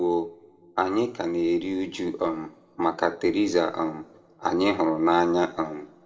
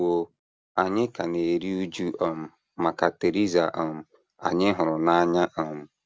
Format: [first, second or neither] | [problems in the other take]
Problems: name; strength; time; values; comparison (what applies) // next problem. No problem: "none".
second | room echo; dies away in 0.8 s